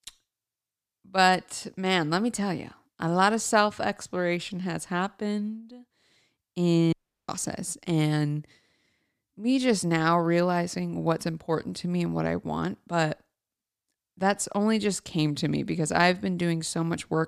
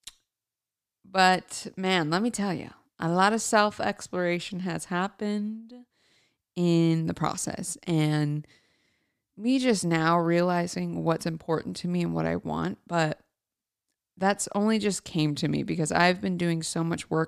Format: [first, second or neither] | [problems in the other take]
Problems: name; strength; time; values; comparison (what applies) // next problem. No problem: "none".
second | audio cutting out; at 7 s